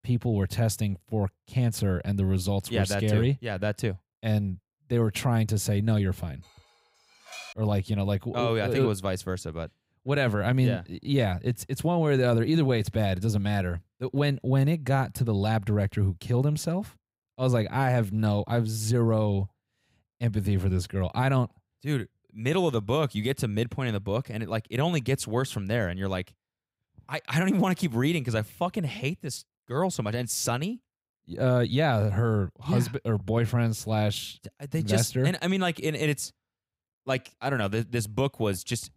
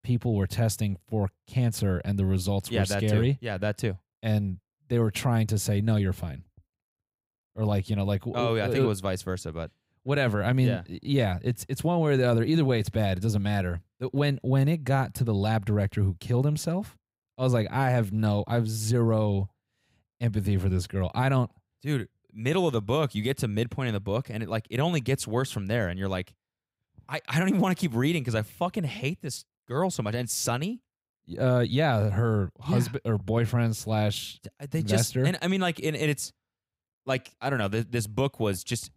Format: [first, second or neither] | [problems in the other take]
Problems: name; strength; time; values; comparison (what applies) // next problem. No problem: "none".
second | clattering dishes; faint; from 6.5 to 7.5 s; peak 15 dB below the speech